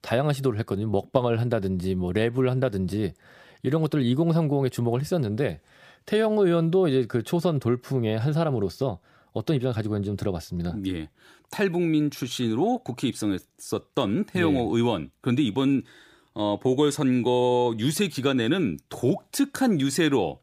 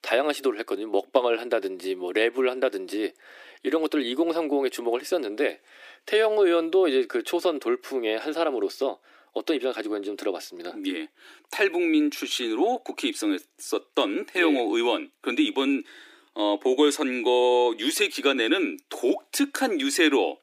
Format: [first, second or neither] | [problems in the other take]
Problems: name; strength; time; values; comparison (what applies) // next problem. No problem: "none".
first | thin; somewhat; fading below 300 Hz